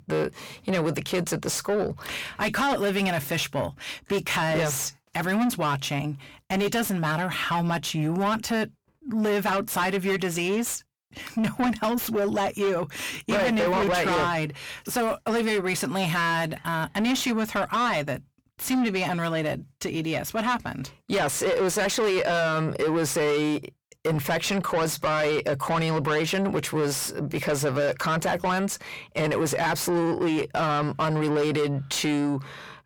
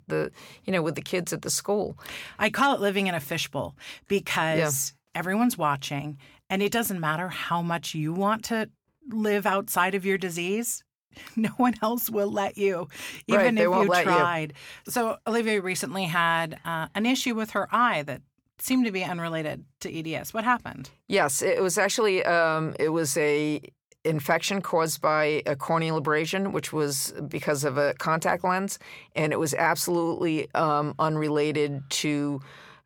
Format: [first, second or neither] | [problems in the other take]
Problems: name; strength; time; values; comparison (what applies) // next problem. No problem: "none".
second | distortion; heavy; 8 dB below the speech